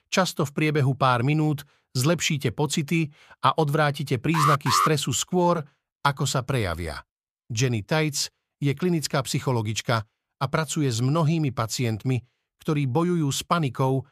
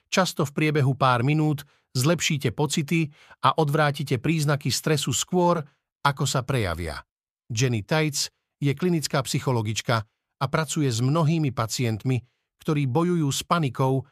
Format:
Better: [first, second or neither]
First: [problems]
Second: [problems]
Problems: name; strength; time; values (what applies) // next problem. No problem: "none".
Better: second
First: alarm; loud; at 4.5 s; peak 3 dB above the speech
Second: none